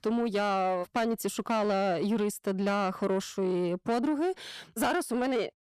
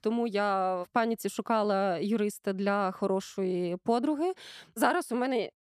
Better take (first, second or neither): second